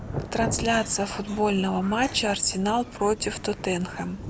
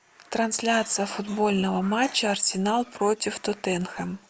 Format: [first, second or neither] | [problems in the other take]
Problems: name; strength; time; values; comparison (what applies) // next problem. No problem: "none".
second | background sound (Thunder / Rain); 10 dB below the speech